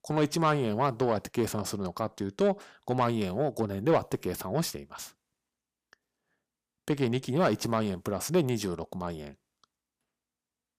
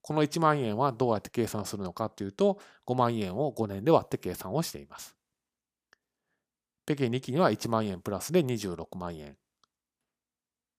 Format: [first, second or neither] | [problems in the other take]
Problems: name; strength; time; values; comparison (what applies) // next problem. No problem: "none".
second | distortion; slight; 10 dB below the speech